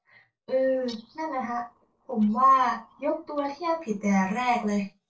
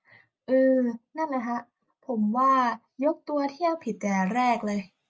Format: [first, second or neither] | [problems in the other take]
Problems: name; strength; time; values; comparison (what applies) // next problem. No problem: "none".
second | noise reduction (neural separator model SepFormer DNS4)